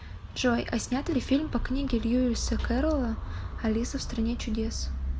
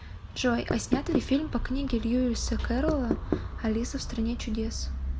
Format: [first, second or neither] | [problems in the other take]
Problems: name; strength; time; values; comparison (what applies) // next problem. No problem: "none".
first | background sound (Knock); 3 dB below the speech